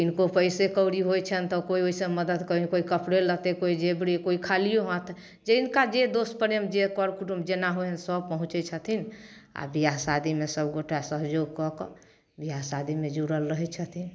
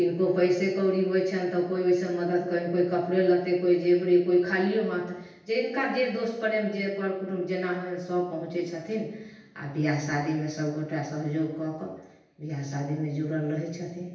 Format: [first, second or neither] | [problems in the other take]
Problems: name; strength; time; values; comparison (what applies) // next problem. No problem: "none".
first | room echo; dies away in 0.9 s